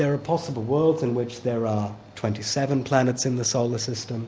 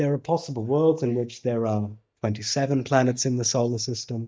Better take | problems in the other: first | noise reduction (neural mask model DeepFilterNet 3)

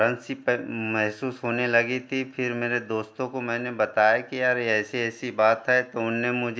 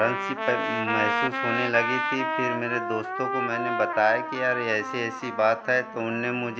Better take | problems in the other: first | background sound (Trumpet); 2 dB below the speech

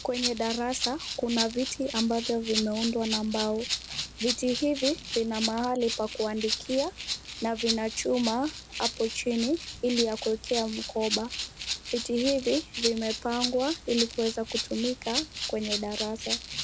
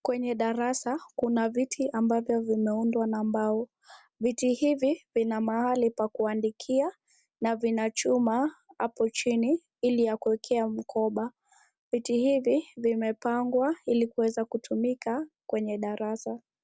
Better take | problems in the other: second | background sound (Rattle (instrument)); 5 dB below the speech

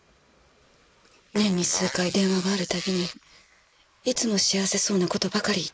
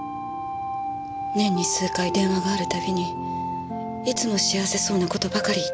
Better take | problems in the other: second | noise reduction (neural mask model Resemble Enhance denoiser)

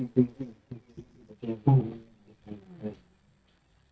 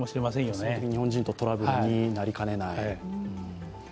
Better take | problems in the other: second | noise reduction (neural mask model DeepFilterNet 3)

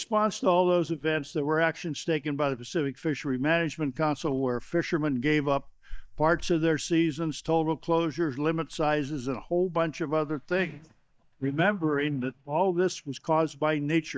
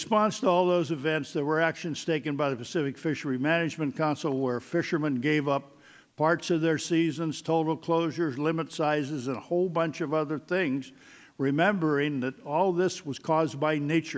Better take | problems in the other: second | noise reduction (neural mask model DeepFilterNet 3)

